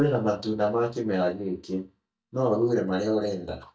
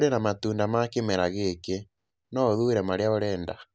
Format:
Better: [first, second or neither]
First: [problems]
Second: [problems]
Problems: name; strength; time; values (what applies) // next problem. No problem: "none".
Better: second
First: noise reduction (neural mask model DeepFilterNet 3)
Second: none